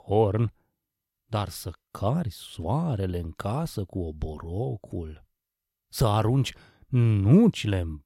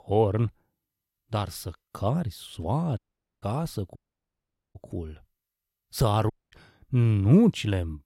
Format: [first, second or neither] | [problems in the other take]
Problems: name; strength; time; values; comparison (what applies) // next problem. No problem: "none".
first | audio cutting out; at 3 s, at 4 s for 1 s and at 6.5 s